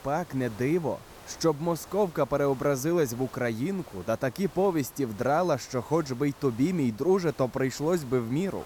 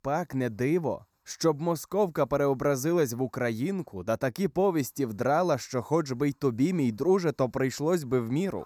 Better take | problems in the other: second | hiss; faint; throughout; 20 dB below the speech

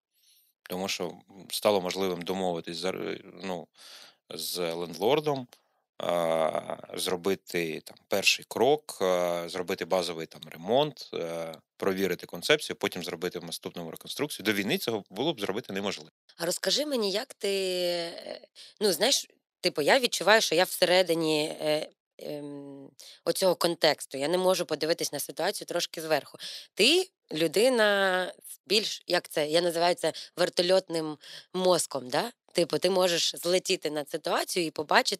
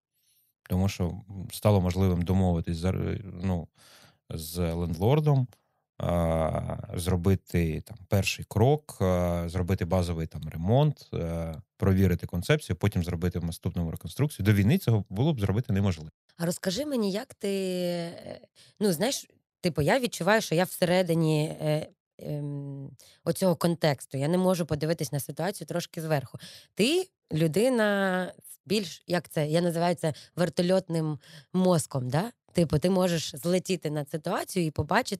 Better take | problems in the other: second | thin; somewhat; fading below 300 Hz

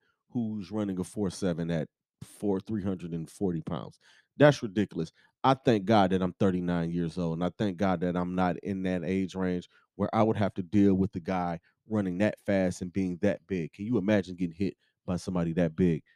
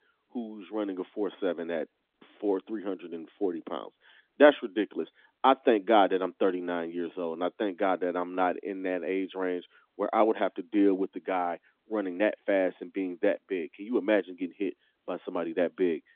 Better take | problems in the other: first | phone-call audio; nothing above 3.5 kHz

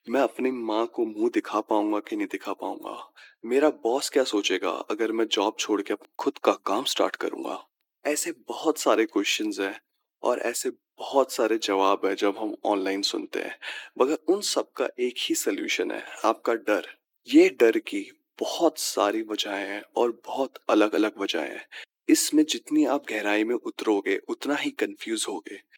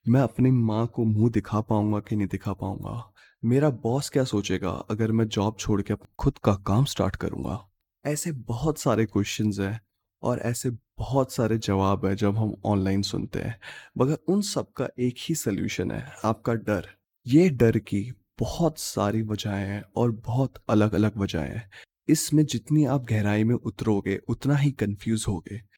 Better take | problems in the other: second | thin; somewhat; fading below 300 Hz

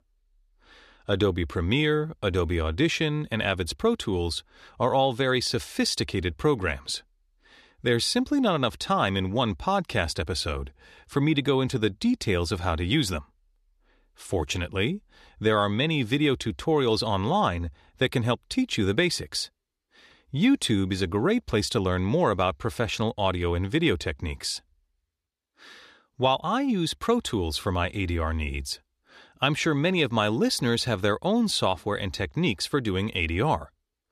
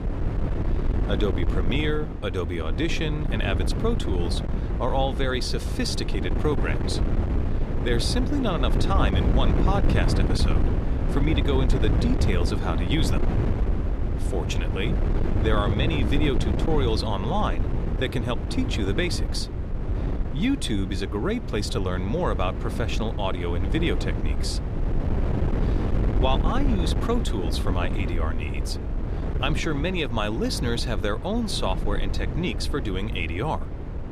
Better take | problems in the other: first | wind noise on the microphone; heavy; 6 dB below the speech

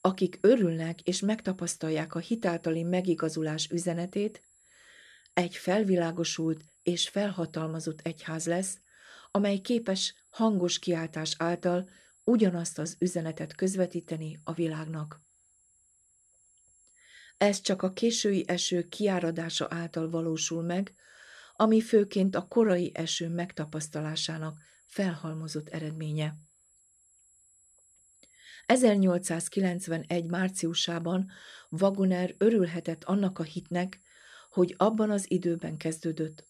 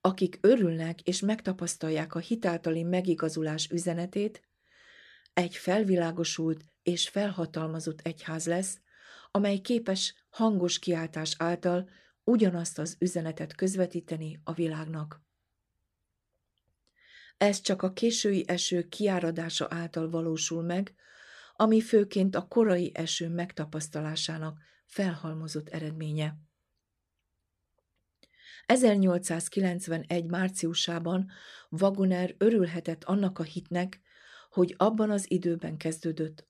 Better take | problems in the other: second | high-pitched whine; faint; throughout; 7.5 kHz, 30 dB below the speech

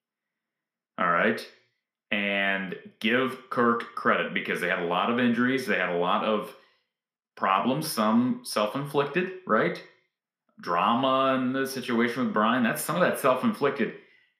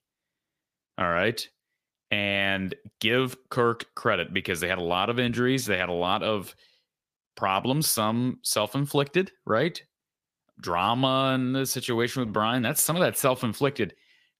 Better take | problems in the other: second | room echo; very slight; dies away in 0.5 s

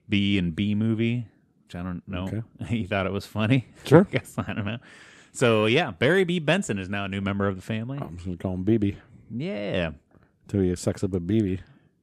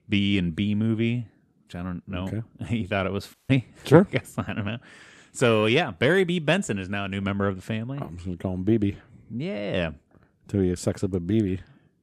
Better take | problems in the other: first | audio cutting out; at 3.5 s

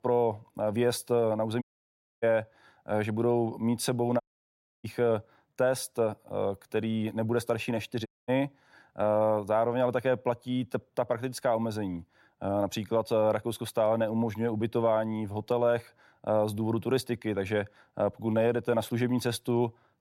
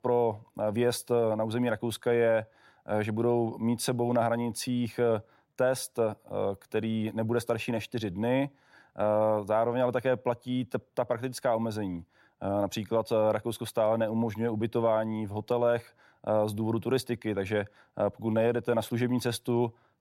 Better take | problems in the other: second | audio cutting out; at 1.5 s for 0.5 s, at 4 s for 0.5 s and at 8 s

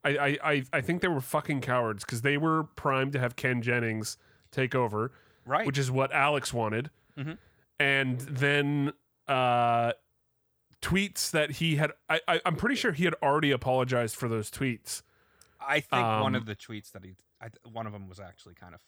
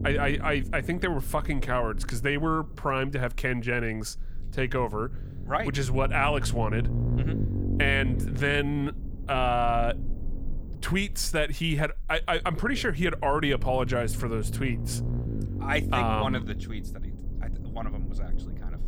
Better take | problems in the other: first | low rumble; noticeable; throughout; 15 dB below the speech

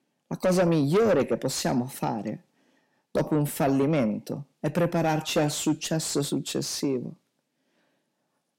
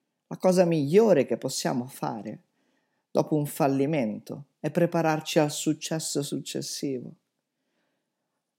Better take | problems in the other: second | distortion; heavy; 7 dB below the speech

